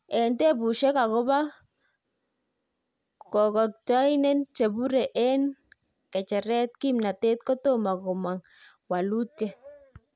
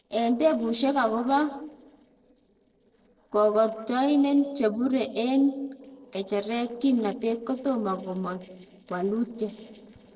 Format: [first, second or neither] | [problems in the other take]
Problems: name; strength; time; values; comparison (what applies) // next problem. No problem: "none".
first | noise reduction (neural separator model SepFormer DNS4)